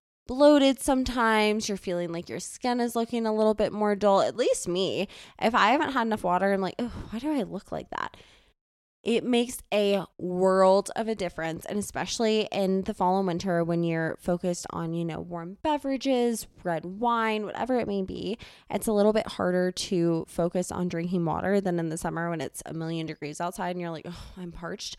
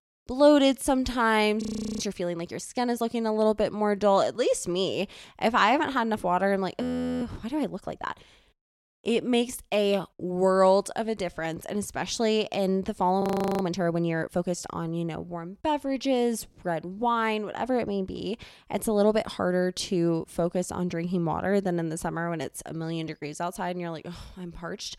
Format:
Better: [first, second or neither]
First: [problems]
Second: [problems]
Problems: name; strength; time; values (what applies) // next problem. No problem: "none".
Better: first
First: none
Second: audio freezing; at 1.5 s, at 7 s and at 13 s